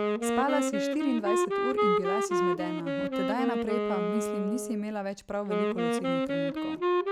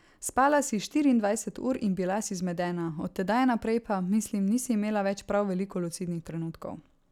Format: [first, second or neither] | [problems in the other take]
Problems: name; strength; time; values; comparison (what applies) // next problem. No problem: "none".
second | background sound (Wind instrument, woodwind instrument); 5 dB above the speech